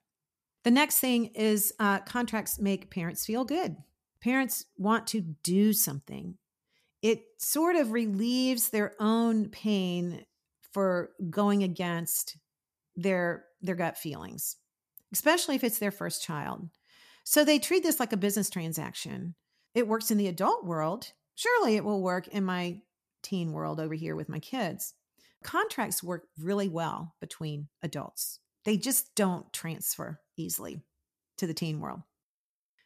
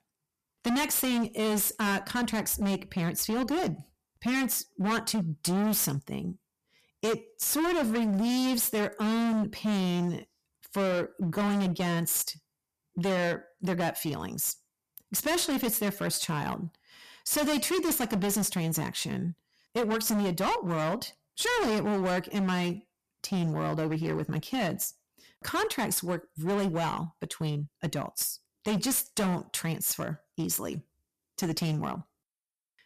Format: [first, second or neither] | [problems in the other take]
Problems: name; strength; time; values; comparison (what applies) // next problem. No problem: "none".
first | distortion; heavy; 20% of the sound clipped